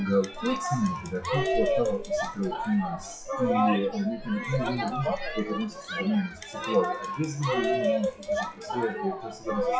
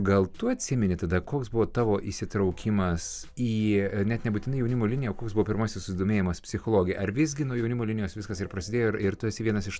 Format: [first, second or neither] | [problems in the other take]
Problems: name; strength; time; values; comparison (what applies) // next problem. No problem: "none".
second | noise reduction (classical method WPE with log-MMSE)